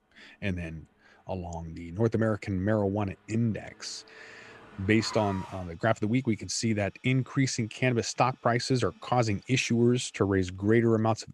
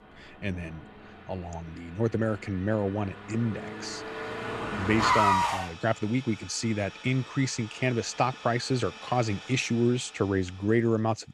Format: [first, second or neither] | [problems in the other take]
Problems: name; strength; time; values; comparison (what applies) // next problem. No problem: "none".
first | traffic noise; loud; throughout; 3 dB below the speech; faint in the first